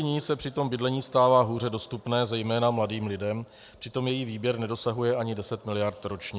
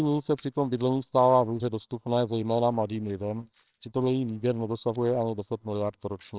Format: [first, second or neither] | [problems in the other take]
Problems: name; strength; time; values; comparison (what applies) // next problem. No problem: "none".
first | noise reduction (neural separator model SepFormer WHAMR!)